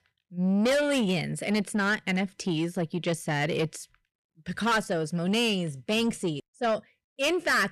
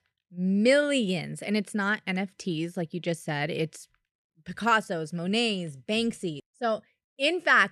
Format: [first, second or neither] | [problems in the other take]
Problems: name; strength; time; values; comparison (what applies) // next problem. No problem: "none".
second | distortion; heavy; 8 dB below the speech